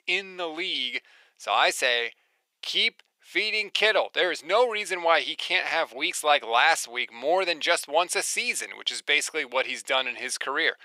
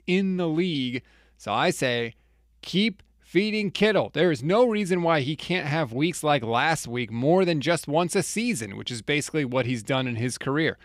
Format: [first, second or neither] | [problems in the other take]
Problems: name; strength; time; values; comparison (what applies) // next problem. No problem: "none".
second | thin; very; fading below 550 Hz